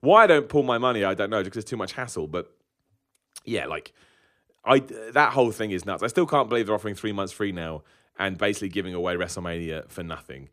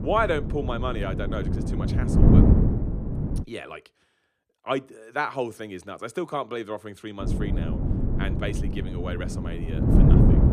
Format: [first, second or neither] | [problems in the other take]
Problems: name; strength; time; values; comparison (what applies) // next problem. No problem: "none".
first | wind noise on the microphone; heavy; until 3.5 s and from 7 s on; 2 dB below the speech